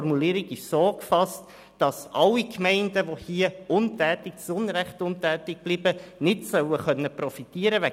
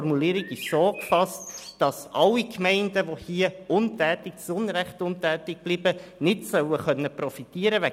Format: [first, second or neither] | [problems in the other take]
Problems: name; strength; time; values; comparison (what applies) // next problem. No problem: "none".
first | background sound (Bird); 15 dB below the speech